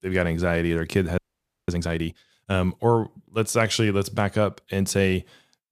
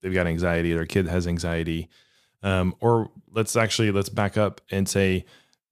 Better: second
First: audio freezing; at 1 s for 0.5 s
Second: none

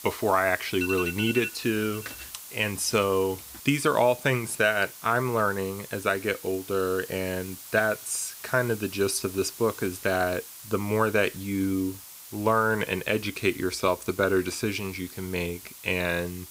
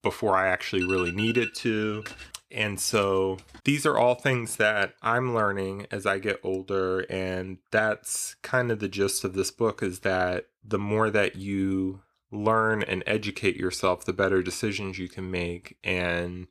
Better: second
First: hiss; noticeable; throughout; 15 dB below the speech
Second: none

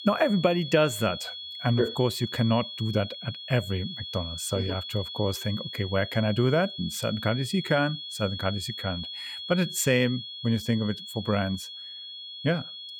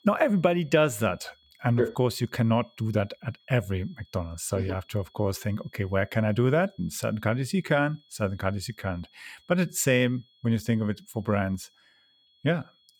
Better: second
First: high-pitched whine; loud; throughout; 3.5 kHz, 8 dB below the speech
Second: high-pitched whine; faint; throughout; 3.5 kHz, 30 dB below the speech

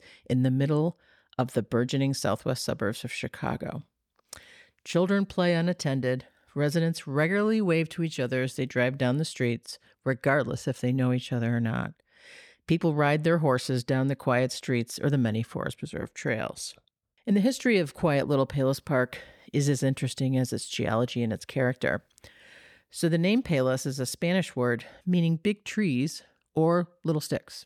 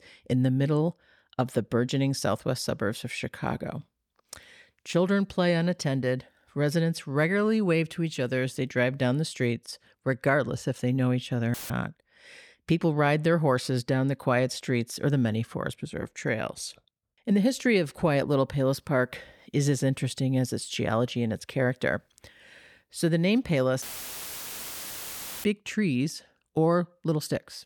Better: first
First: none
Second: audio cutting out; filled with static; at 12 s and at 24 s for 1.5 s

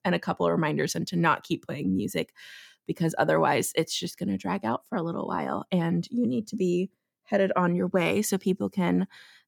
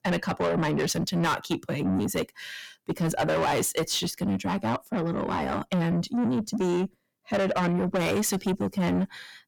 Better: first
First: none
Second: distortion; heavy; 7 dB below the speech

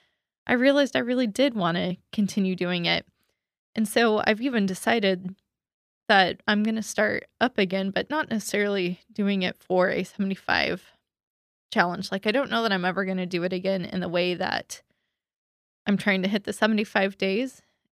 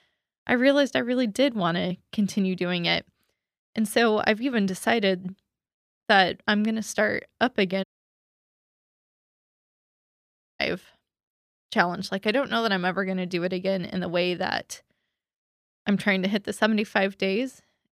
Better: first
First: none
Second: audio cutting out; at 8 s for 3 s

